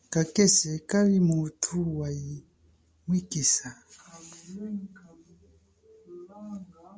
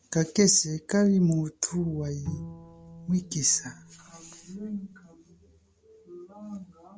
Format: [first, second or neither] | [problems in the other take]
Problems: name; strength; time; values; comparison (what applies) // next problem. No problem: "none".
first | background sound (Bowed string instrument); 15 dB below the speech